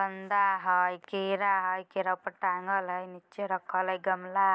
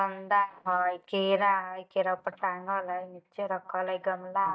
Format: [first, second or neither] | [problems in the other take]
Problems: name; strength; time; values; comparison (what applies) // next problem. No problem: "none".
first | noise reduction (neural mask model DeepFilterNet 3)